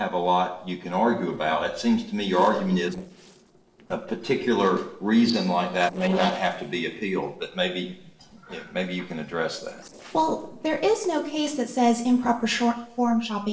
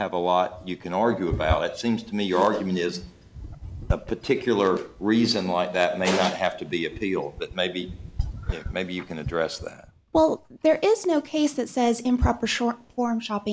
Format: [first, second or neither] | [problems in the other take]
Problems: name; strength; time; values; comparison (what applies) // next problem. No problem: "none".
second | noise reduction (neural separator model SepFormer DNS4)